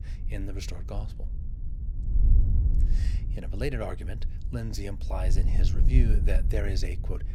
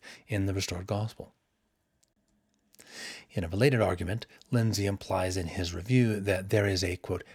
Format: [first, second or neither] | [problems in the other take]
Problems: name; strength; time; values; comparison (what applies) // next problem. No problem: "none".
second | wind noise on the microphone; heavy; 9 dB below the speech